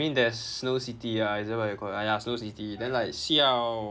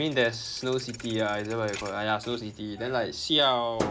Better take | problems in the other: first | background sound (Thump, thud); 13 dB below the speech

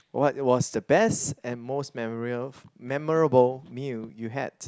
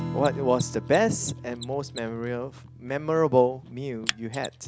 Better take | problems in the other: first | background sound (Strum + Mechanisms); 11 dB below the speech

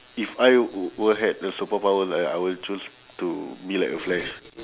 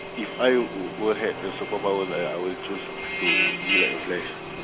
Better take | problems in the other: first | background sound (Drill); 1 dB below the speech

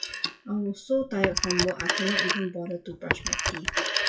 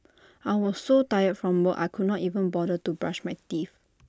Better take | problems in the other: second | noise reduction (classical method WPE with log-MMSE)

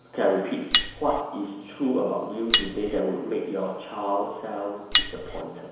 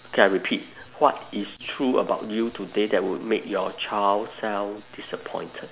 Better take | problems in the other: second | background sound (Cutlery, silverware); 3 dB above the speech // room echo; dies away in 1 s

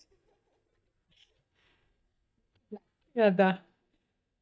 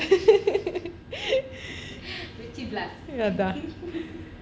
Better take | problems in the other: second | noise reduction (neural mask model DeepFilterNet 3)

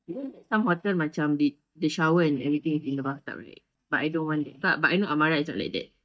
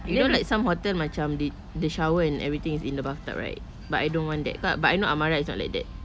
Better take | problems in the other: second | noise reduction (neural mask model DeepFilterNet 3)

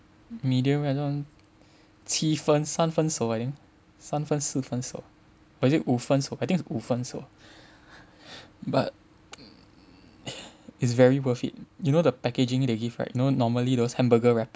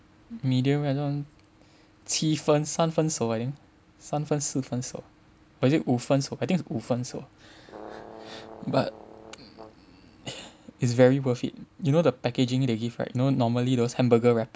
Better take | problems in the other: first | background sound (Brass instrument); 19 dB below the speech

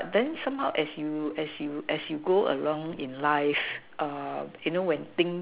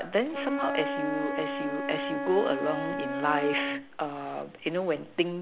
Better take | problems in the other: first | background sound (Wind instrument, woodwind instrument); 4 dB below the speech

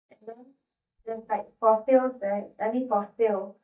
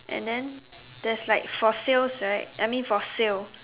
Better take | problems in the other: second | noise reduction (neural mask model DeepFilterNet 3)

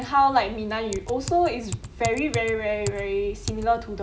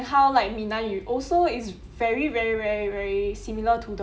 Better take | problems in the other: second | background sound (Typing); 12 dB below the speech

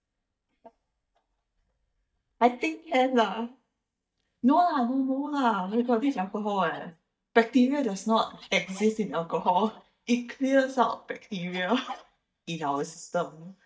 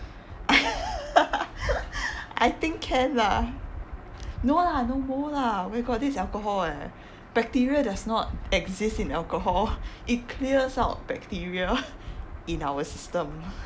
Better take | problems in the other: second | noise reduction (neural mask model DeepFilterNet 3)

